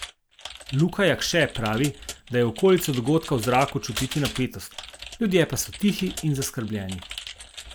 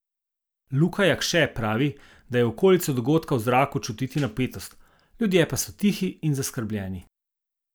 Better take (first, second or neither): second